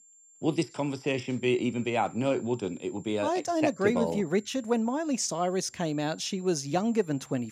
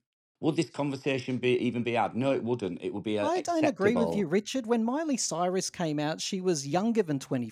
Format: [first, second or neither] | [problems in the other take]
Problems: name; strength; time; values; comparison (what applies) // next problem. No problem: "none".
second | high-pitched whine; faint; throughout; 7.5 kHz, 25 dB below the speech